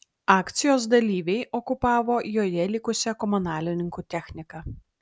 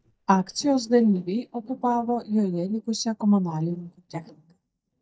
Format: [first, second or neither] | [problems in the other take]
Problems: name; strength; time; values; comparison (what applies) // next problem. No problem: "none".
first | noise reduction (neural mask model DeepFilterNet 3)